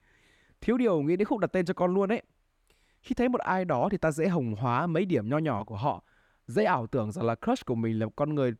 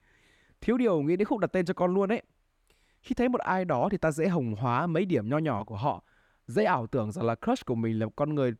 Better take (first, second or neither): neither